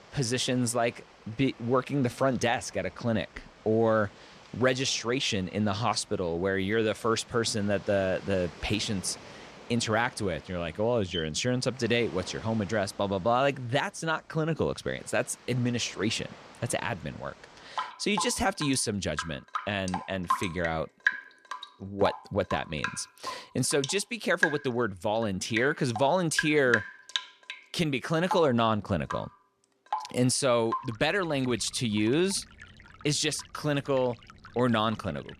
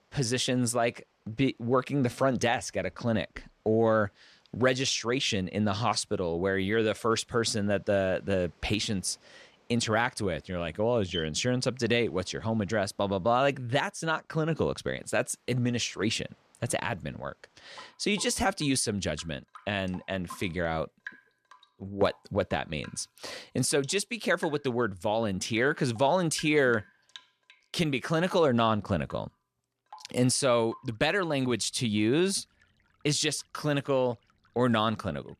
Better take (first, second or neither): second